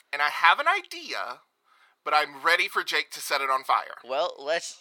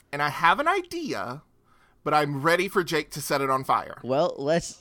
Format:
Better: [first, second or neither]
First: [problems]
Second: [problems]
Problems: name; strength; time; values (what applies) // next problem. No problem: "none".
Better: second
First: thin; very; fading below 700 Hz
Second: none